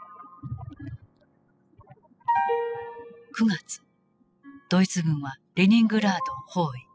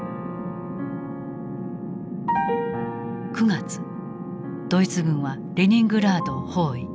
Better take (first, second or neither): second